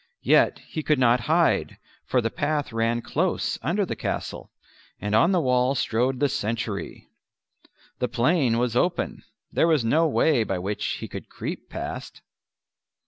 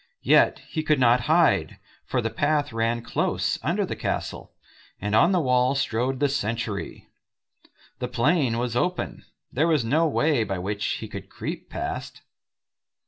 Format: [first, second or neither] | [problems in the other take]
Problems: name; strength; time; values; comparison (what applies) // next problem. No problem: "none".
first | room echo; dies away in 0.2 s